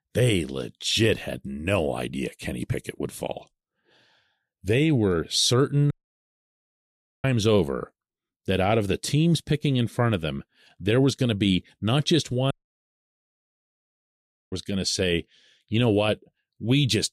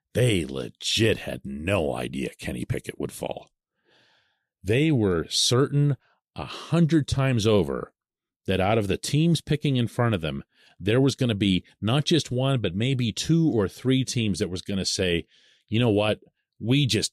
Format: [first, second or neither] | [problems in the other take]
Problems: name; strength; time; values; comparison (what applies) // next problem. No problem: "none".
second | audio cutting out; at 6 s for 1.5 s and at 13 s for 2 s